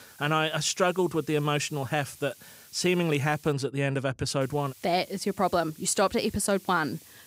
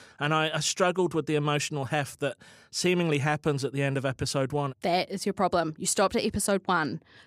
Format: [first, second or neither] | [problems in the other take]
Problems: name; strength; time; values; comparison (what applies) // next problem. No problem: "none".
second | hiss; faint; until 3.5 s and from 4.5 s on; 25 dB below the speech